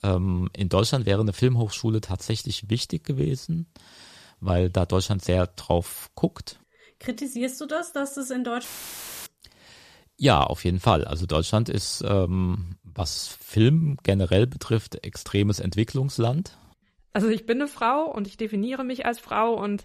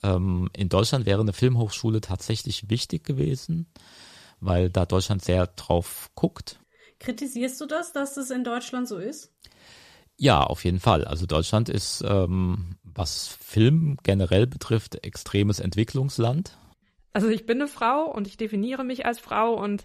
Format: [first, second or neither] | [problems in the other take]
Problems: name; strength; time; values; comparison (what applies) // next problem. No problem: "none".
second | audio cutting out; filled with static; at 8.5 s for 0.5 s